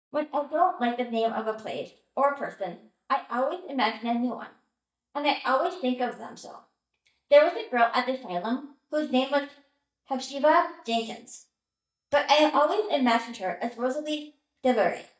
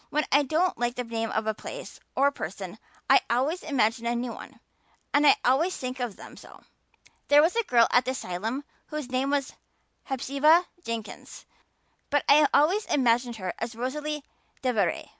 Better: second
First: noise reduction (neural mask model DeepFilterNet 3)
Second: none

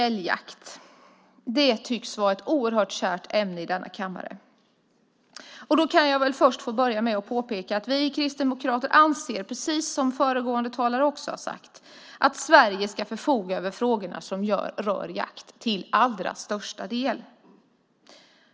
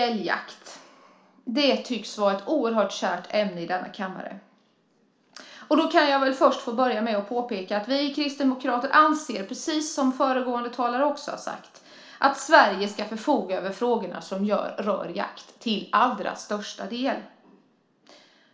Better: first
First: none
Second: room echo; dies away in 0.4 s

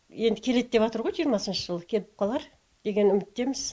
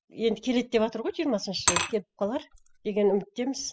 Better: first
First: none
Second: noise reduction (classical method spectral subtraction)

